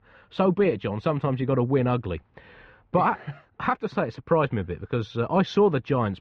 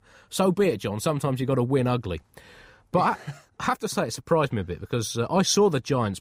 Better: second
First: muffled; very; fading above 3 kHz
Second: none

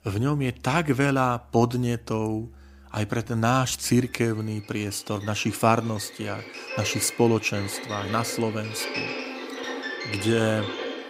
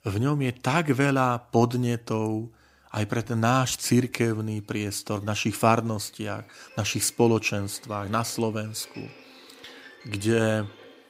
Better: second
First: background music; loud; throughout; 8 dB below the speech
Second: background music; faint; throughout; 25 dB below the speech

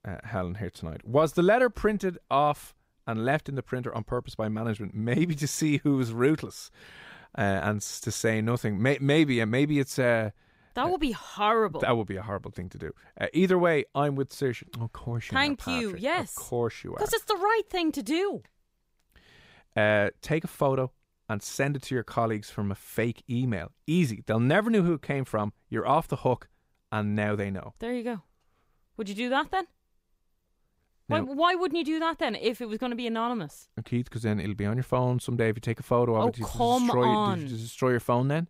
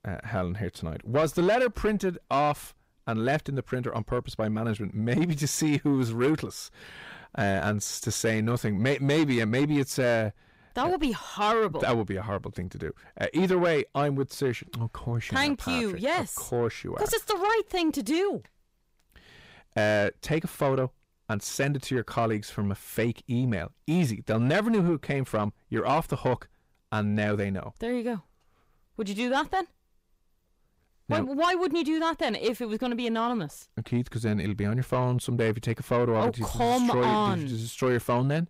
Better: first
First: none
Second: distortion; slight; 10 dB below the speech

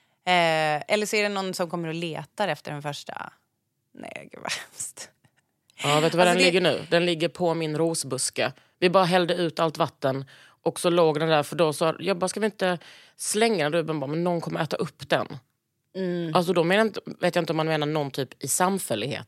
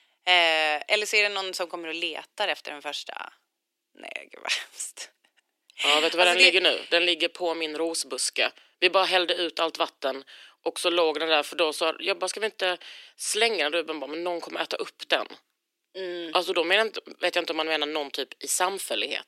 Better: first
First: none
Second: thin; somewhat; fading below 300 Hz

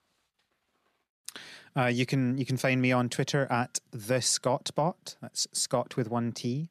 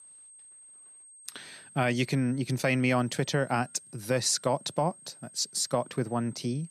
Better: first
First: none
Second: high-pitched whine; faint; throughout; 8.5 kHz, 20 dB below the speech

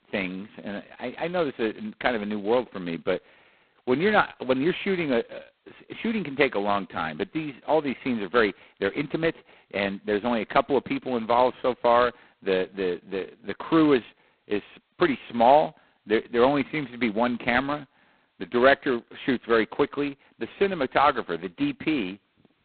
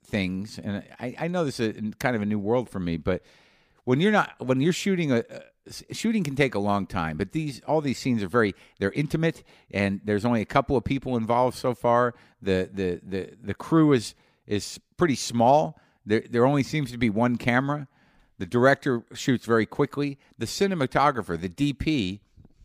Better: second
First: phone-call audio; poor line; nothing above 4 kHz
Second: none

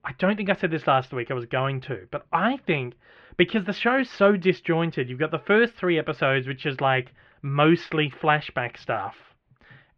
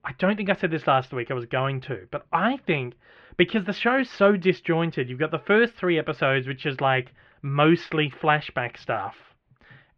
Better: neither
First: muffled; very; fading above 2.5 kHz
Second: muffled; very; fading above 2.5 kHz

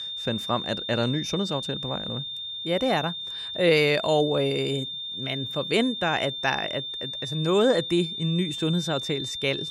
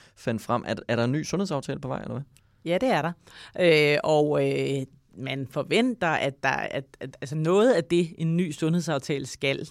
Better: second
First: high-pitched whine; loud; throughout; 3.5 kHz, 5 dB below the speech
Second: none

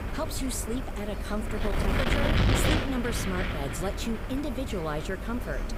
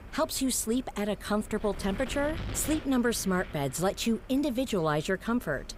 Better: second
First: wind noise on the microphone; heavy; 2 dB above the speech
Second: wind noise on the microphone; occasional gusts; 15 dB below the speech

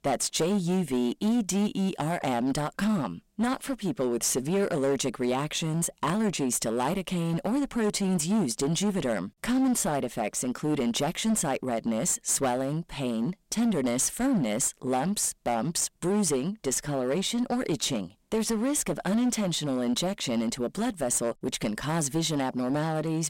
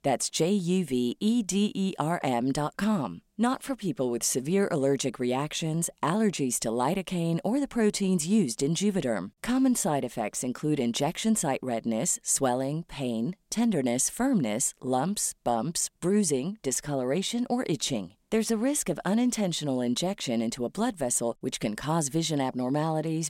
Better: second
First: distortion; slight; 12% of the sound clipped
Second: none

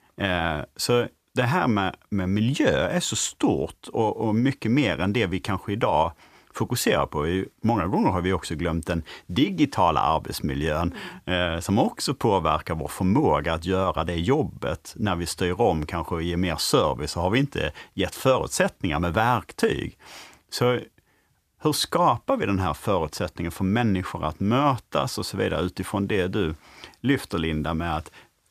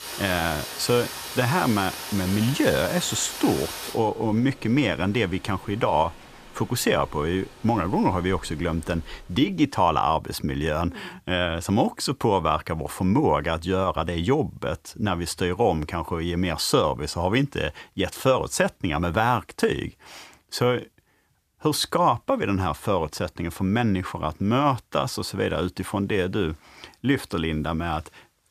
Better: first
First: none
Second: rain or running water; loud; until 9 s; 9 dB below the speech

